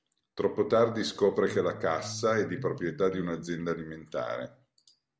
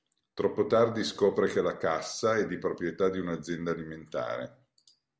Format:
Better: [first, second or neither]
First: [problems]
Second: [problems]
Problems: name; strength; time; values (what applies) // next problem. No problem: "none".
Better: second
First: background sound (Electric guitar); 12 dB below the speech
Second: none